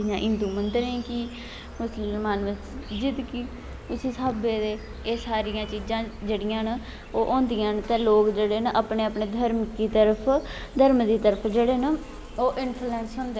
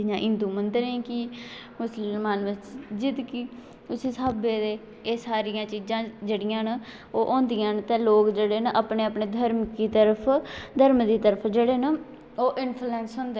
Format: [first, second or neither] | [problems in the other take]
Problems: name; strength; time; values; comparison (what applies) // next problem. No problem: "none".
second | background sound (Insect); 14 dB below the speech